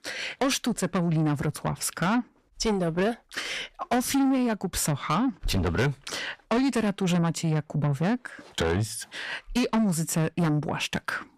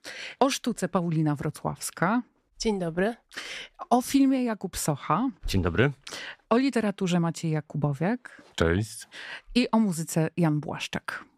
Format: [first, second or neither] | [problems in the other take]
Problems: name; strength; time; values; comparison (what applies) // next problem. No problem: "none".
second | distortion; heavy; 8 dB below the speech